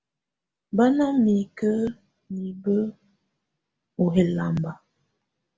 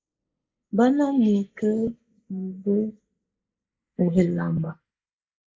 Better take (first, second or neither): first